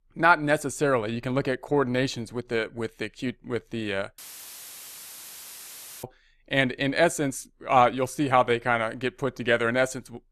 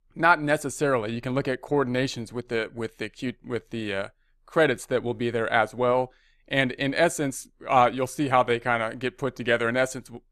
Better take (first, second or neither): second